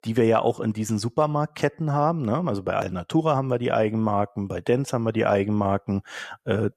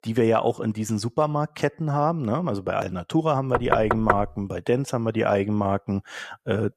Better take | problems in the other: first | door banging; loud; at 3.5 s; peak level with the speech

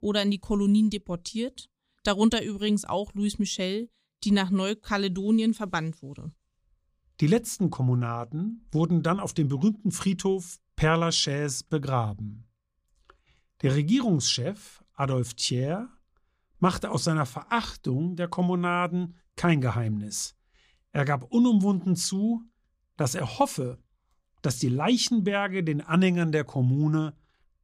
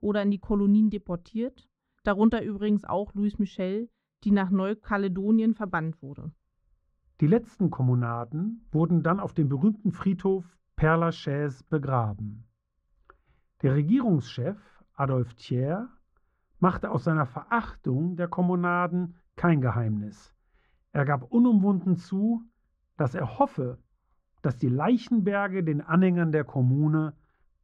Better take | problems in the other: first | muffled; very; fading above 3.5 kHz

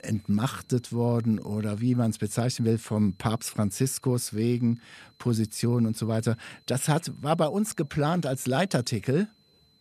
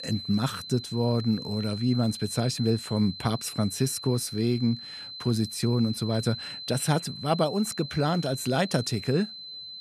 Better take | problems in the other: first | high-pitched whine; loud; throughout; 4 kHz, 10 dB below the speech; faint in the first

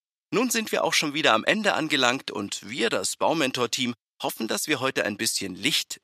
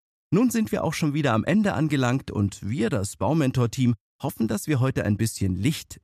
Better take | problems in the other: second | thin; somewhat; fading below 400 Hz

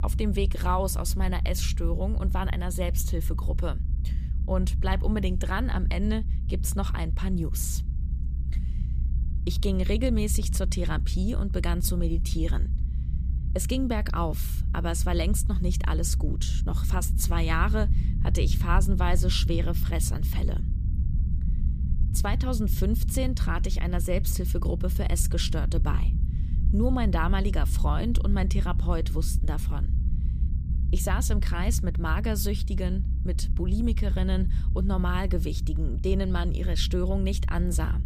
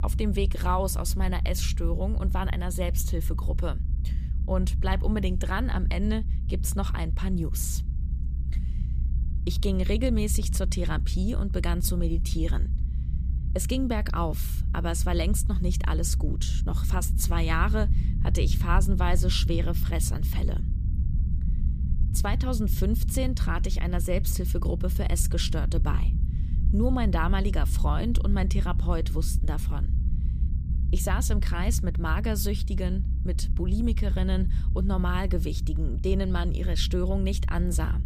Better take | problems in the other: neither | low rumble; noticeable; throughout; 10 dB below the speech; the same in both

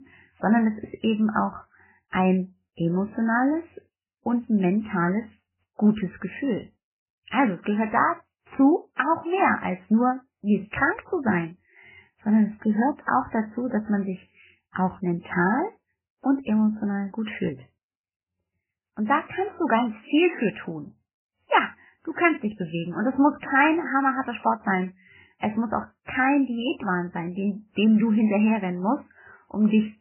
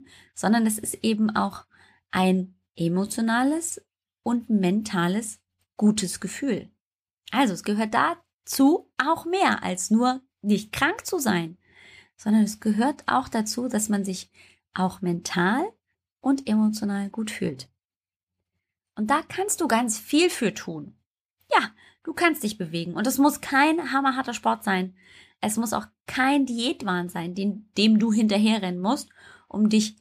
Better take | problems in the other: second | garbled, watery; badly; nothing above 3 kHz

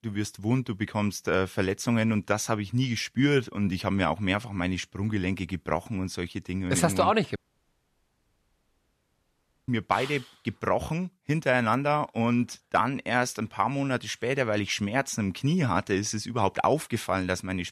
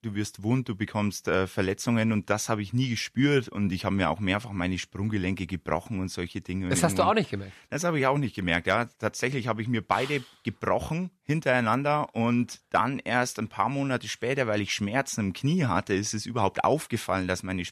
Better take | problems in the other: second | audio cutting out; at 7.5 s for 2.5 s

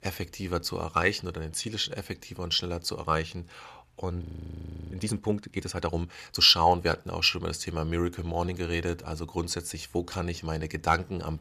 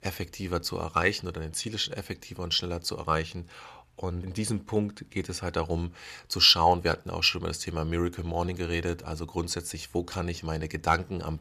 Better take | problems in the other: second | audio freezing; at 4 s for 0.5 s

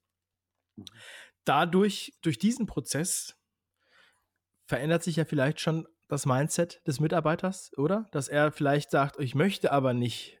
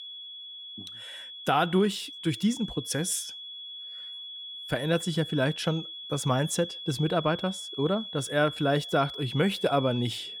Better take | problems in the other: first | high-pitched whine; loud; throughout; 3.5 kHz, 10 dB below the speech

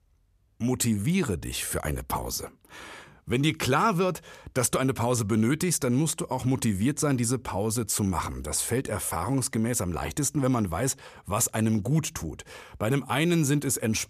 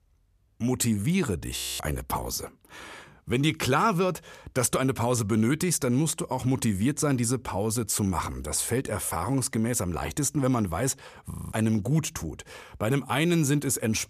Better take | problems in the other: first | audio freezing; at 1.5 s and at 11 s

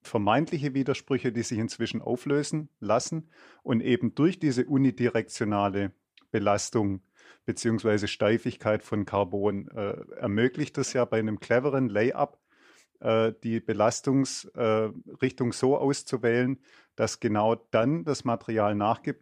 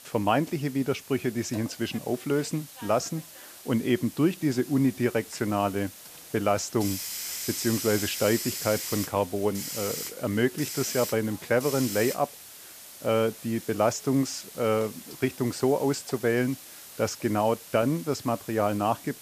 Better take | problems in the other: first | hiss; loud; throughout; 10 dB below the speech

